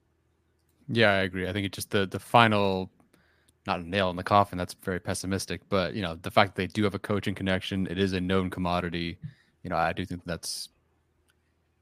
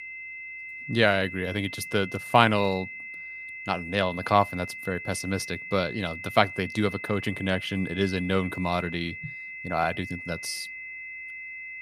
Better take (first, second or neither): first